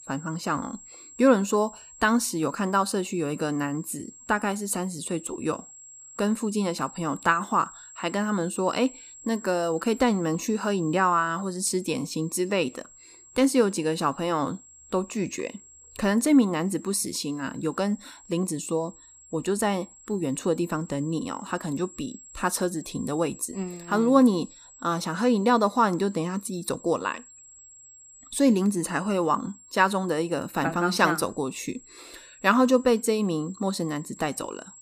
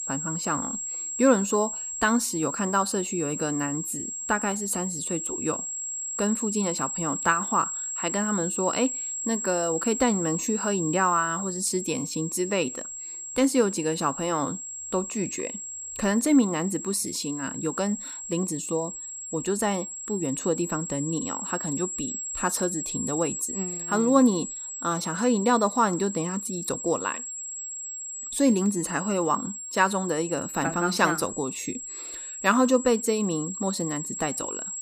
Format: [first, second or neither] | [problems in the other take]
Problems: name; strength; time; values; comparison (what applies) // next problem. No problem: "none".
first | high-pitched whine; loud; throughout; 7.5 kHz, 5 dB below the speech; faint in the first